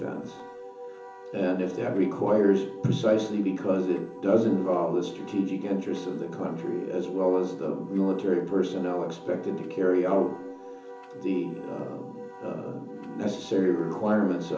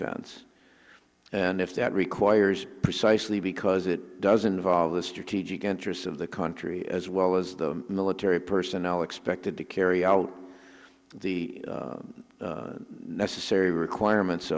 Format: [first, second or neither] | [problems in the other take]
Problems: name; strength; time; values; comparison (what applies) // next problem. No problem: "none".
second | background sound (Wind instrument, woodwind instrument); 15 dB below the speech // room echo; dies away in 0.7 s